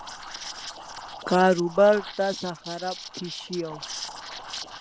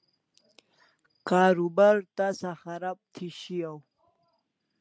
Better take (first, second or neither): second